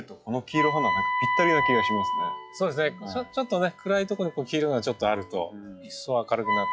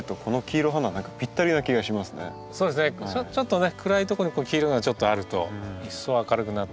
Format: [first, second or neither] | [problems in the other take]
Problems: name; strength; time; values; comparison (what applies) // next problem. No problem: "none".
second | noise reduction (classical method log-MMSE)